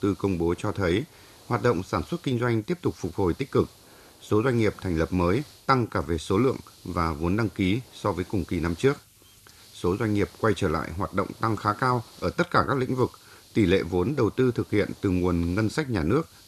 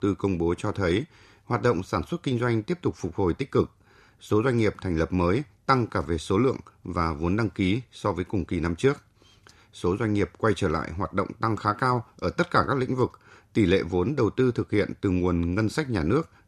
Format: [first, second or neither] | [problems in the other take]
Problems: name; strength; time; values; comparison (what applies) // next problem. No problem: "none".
second | hiss; faint; throughout; 25 dB below the speech